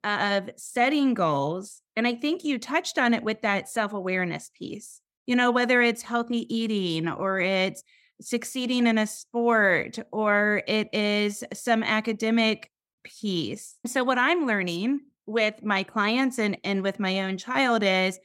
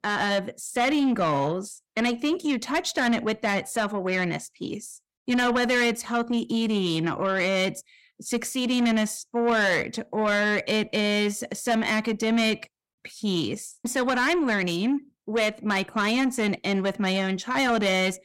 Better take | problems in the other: first | distortion; slight; 10 dB below the speech

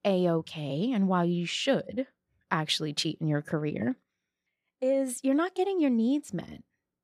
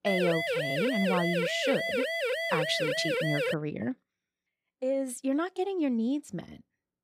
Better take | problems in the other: first | siren; loud; until 3.5 s; peak 2 dB above the speech

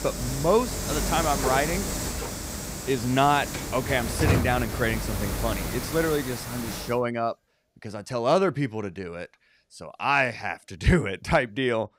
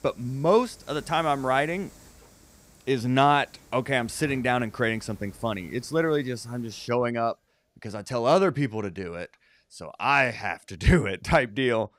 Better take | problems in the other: second | hiss; loud; until 7 s; 4 dB below the speech; faint in the second

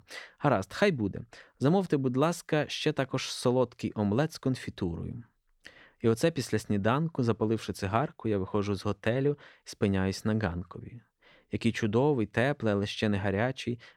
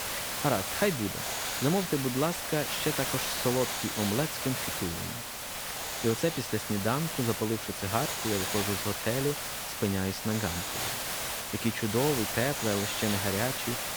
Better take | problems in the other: first | hiss; loud; throughout; 1 dB below the speech

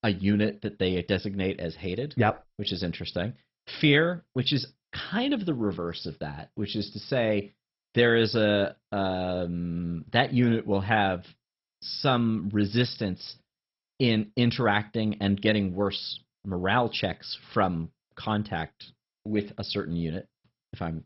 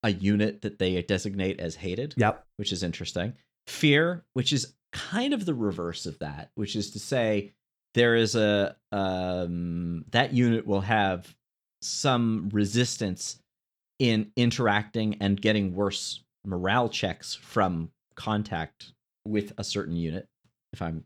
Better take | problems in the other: second | garbled, watery; badly; nothing above 5.5 kHz

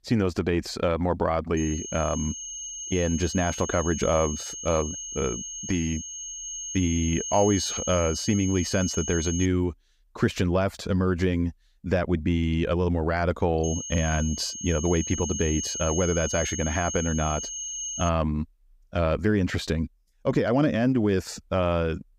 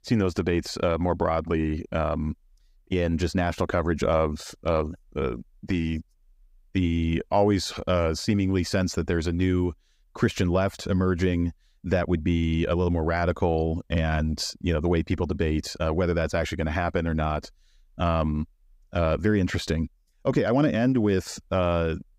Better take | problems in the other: second | high-pitched whine; loud; from 1.5 to 9.5 s and from 14 to 18 s; 6.5 kHz, 6 dB below the speech

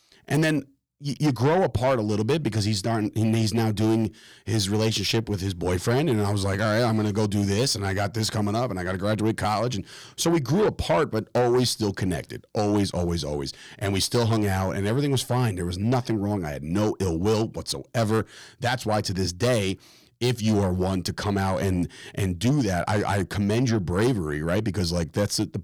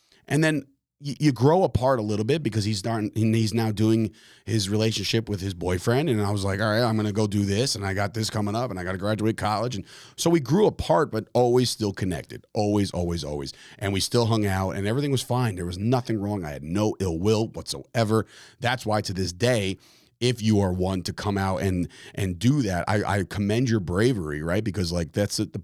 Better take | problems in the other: second | distortion; slight; 10 dB below the speech

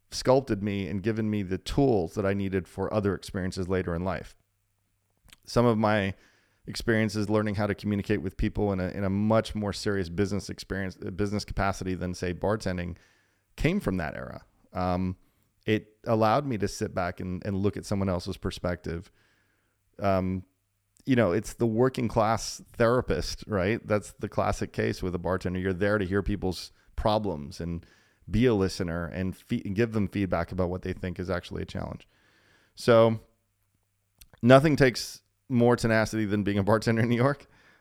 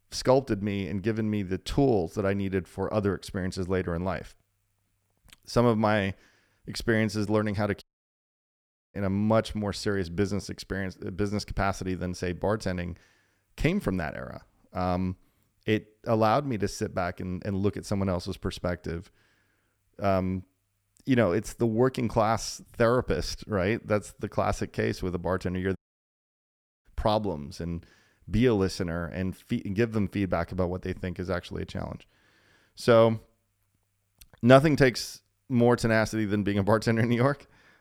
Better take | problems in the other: first | audio cutting out; at 8 s for 1 s and at 26 s for 1 s

